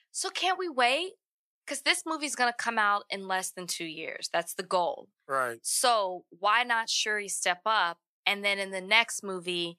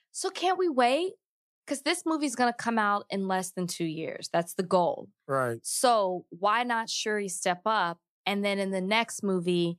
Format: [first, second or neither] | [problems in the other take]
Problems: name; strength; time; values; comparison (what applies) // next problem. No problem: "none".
second | thin; somewhat; fading below 1 kHz